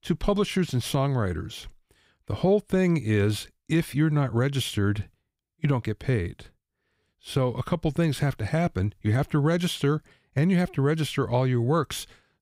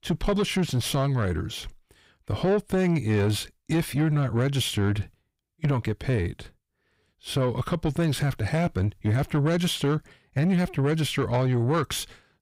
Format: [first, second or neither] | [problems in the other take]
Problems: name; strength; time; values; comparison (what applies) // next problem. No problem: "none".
first | distortion; slight; 10 dB below the speech